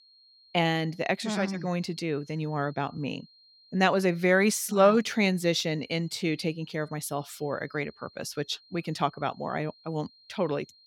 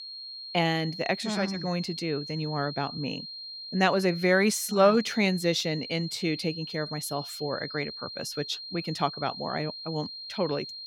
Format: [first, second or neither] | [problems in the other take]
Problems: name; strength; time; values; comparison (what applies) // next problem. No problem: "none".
first | high-pitched whine; loud; throughout; 4 kHz, 9 dB below the speech; faint in the first